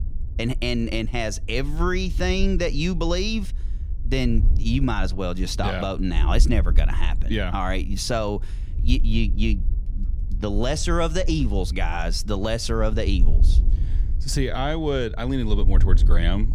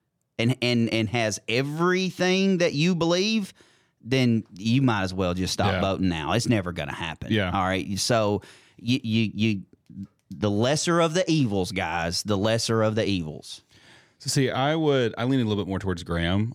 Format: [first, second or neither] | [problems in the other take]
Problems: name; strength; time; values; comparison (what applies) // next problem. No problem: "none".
second | wind noise on the microphone; occasional gusts; 20 dB below the speech